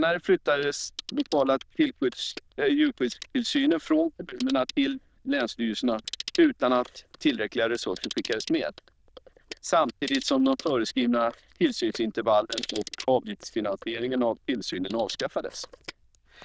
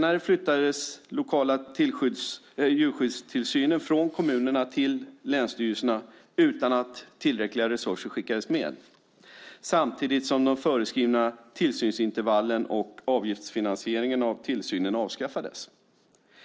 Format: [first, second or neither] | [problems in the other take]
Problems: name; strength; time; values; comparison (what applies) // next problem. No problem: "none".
second | noise reduction (neural diffusion model UNIVERSE++)